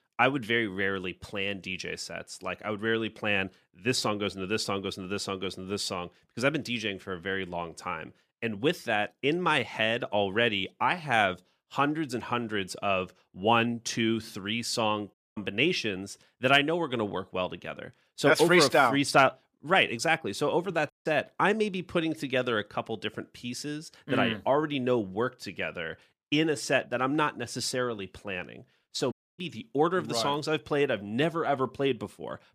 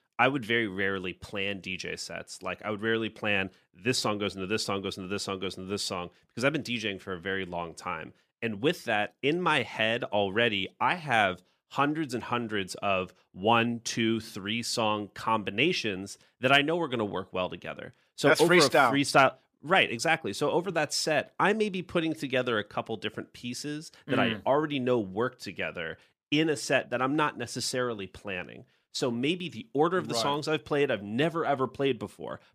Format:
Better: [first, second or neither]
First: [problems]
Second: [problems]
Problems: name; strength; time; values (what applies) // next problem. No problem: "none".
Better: second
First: audio cutting out; at 15 s, at 21 s and at 29 s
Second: none